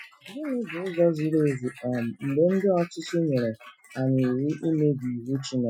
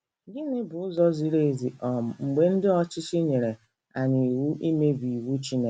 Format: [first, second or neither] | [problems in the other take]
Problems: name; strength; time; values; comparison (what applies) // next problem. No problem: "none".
second | noise reduction (classical method Wiener filter)